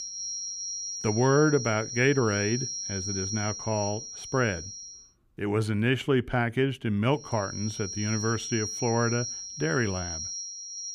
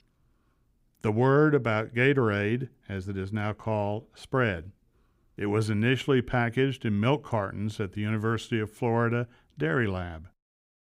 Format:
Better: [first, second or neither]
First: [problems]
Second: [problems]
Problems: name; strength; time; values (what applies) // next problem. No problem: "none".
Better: second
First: high-pitched whine; loud; until 5 s and from 7.5 s on; 5.5 kHz, 6 dB below the speech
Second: none